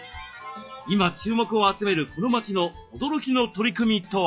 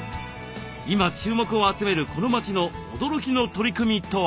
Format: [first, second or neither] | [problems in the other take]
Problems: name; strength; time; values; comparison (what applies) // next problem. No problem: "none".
second | noise reduction (classical method log-MMSE)